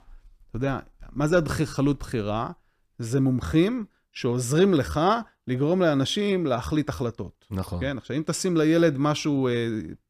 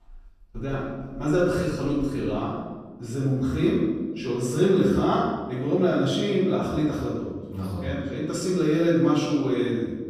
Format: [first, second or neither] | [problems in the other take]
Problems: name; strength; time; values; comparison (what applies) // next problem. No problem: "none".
first | off-mic speech; far // room echo; noticeable; dies away in 1.3 s